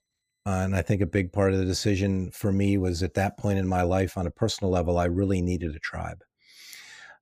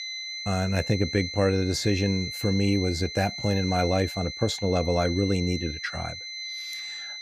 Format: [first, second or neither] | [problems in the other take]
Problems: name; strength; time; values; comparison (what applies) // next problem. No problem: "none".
first | high-pitched whine; loud; throughout; 4 kHz, 7 dB below the speech